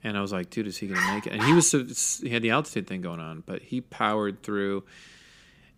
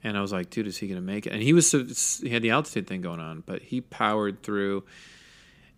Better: second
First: dog barking; loud; at 1 s; peak level with the speech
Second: none

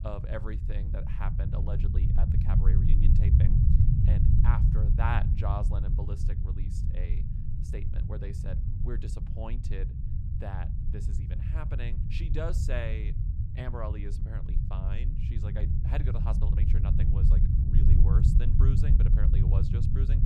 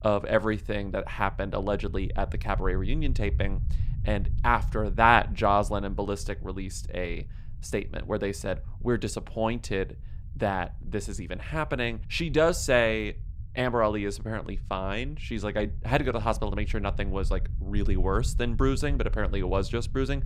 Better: second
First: low rumble; loud; throughout; 1 dB below the speech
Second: low rumble; faint; throughout; 25 dB below the speech

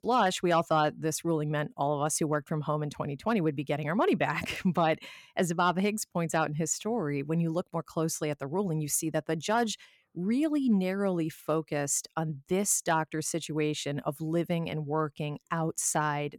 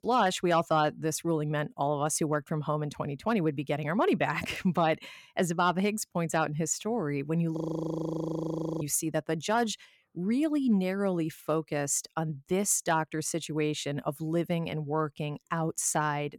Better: first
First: none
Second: audio freezing; at 7.5 s for 1 s

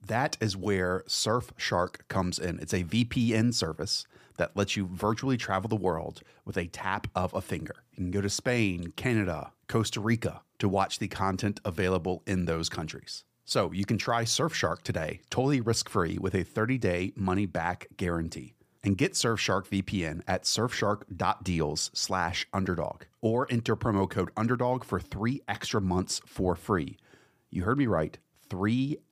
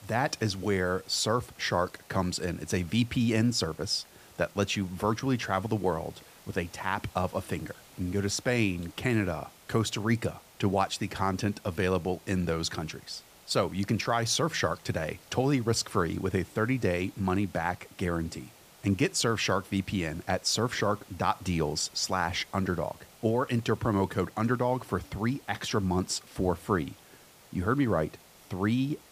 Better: first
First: none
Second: hiss; faint; throughout; 25 dB below the speech

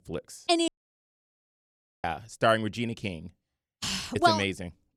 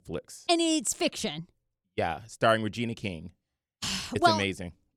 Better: second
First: audio cutting out; at 0.5 s for 1.5 s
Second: none

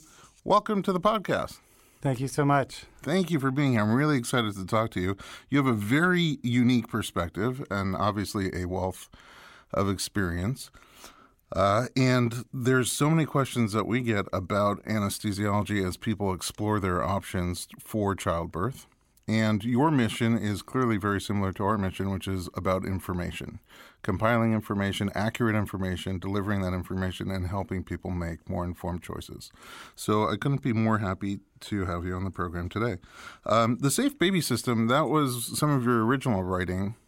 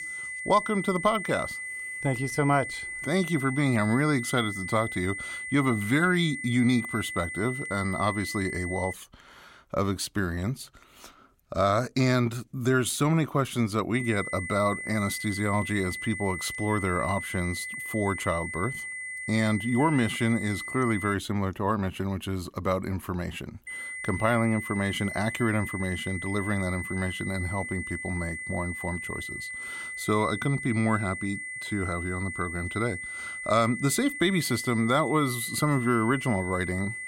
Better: first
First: none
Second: high-pitched whine; loud; until 9 s, from 14 to 21 s and from 24 s on; 2 kHz, 7 dB below the speech

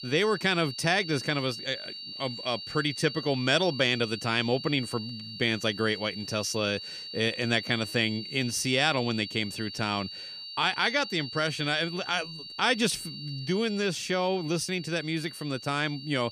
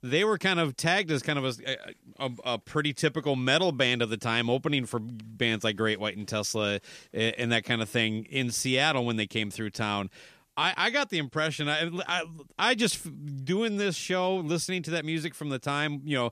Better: second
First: high-pitched whine; loud; throughout; 4.5 kHz, 10 dB below the speech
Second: none

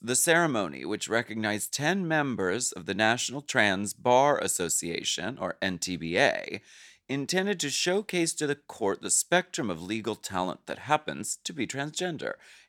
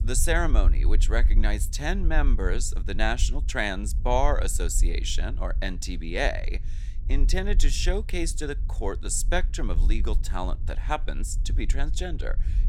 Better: first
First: none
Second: low rumble; noticeable; throughout; 20 dB below the speech

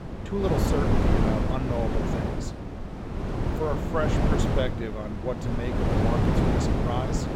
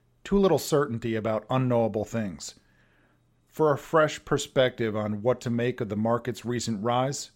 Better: second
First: wind noise on the microphone; heavy; 1 dB above the speech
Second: none

